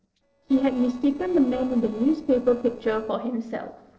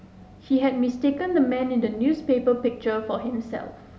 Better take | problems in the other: second | noise reduction (neural separator model SepFormer DNS4)

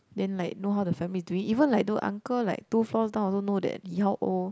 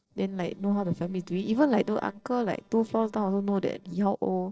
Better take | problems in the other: first | noise reduction (neural separator model SepFormer DNS4)

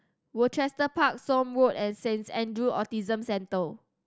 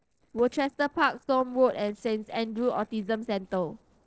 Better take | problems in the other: first | noise reduction (neural separator model SepFormer DNS4)

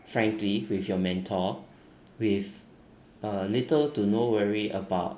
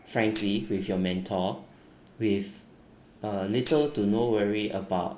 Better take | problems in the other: first | background sound (Tambourine); 19 dB below the speech

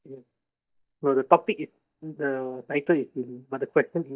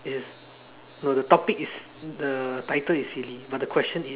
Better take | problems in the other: second | noise reduction (neural mask model DeepFilterNet 3)

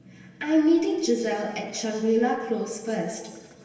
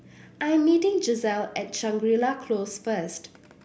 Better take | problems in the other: second | room echo; dies away in 1.4 s

